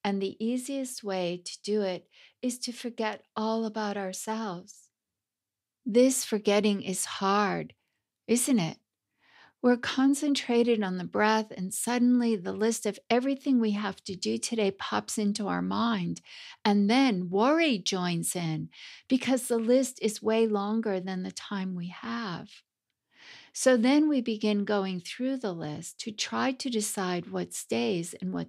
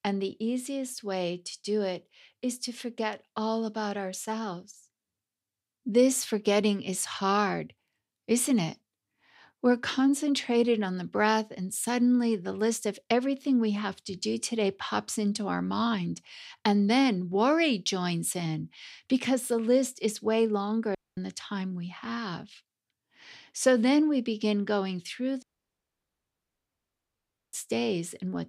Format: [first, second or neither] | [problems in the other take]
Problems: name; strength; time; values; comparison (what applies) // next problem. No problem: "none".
first | audio cutting out; at 21 s and at 25 s for 2 s